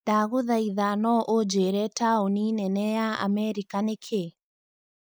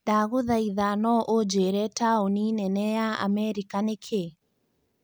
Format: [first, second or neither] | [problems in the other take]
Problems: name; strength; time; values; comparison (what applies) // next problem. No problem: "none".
second | noise reduction (neural mask model Resemble Enhance denoiser)